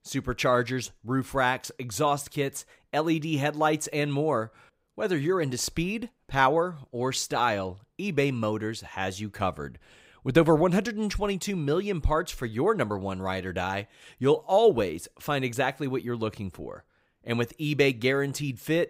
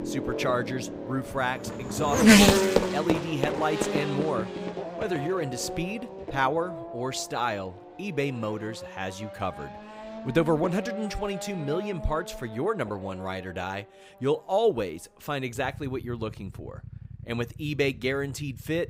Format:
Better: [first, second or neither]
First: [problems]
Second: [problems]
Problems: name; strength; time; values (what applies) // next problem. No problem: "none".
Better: first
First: none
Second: traffic noise; very loud; throughout; 3 dB above the speech